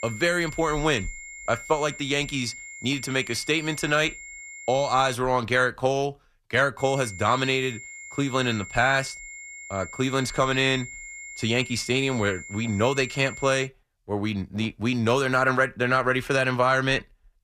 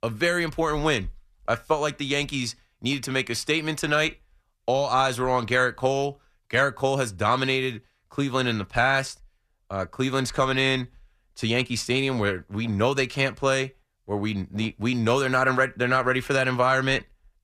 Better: second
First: high-pitched whine; noticeable; until 5 s and from 7 to 14 s; 2 kHz, 15 dB below the speech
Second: none

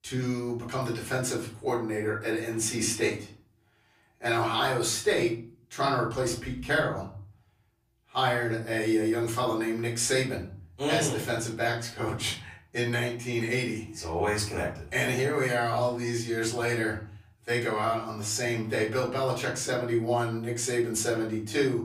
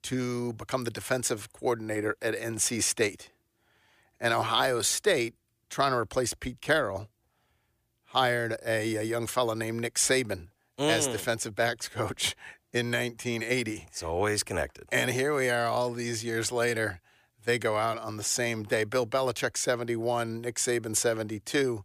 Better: second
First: off-mic speech; far // room echo; slight; dies away in 0.5 s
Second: none

